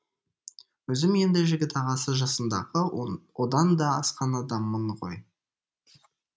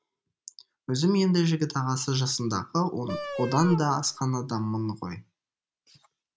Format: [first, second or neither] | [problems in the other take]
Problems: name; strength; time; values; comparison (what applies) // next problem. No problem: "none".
first | background sound (Wind instrument, woodwind instrument); 10 dB below the speech